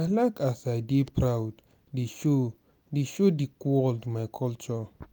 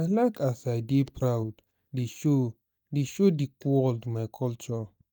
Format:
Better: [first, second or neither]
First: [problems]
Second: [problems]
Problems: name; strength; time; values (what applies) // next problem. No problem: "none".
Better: first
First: none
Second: noise reduction (neural mask model DeepFilterNet 3)